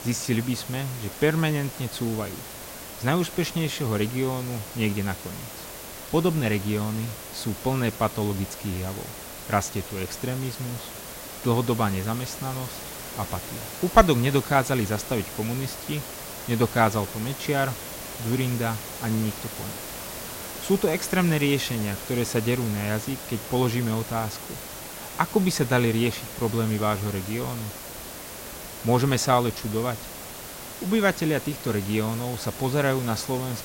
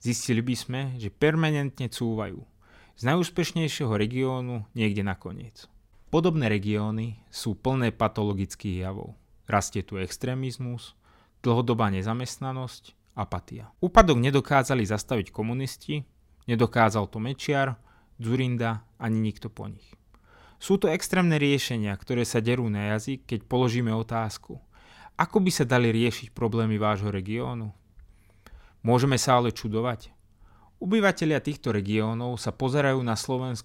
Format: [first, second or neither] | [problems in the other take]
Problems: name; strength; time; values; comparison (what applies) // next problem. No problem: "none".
second | hiss; loud; throughout; 10 dB below the speech